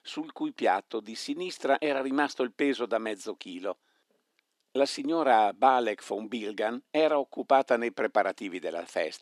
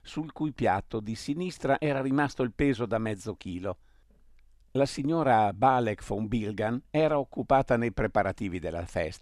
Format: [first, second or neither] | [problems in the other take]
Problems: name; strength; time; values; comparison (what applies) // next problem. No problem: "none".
second | thin; very slightly; fading below 300 Hz